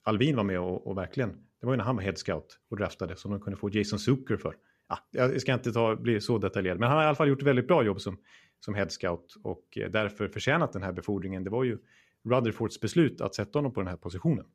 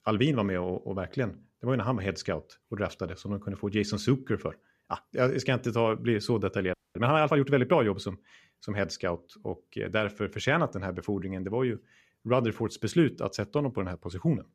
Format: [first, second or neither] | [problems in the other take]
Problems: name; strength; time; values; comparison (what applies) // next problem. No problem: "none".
first | audio freezing; at 6.5 s